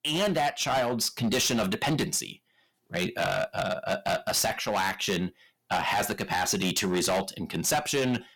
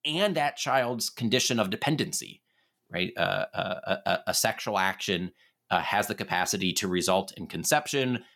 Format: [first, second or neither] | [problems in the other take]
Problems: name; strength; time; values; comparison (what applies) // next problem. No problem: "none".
second | distortion; heavy; 13% of the sound clipped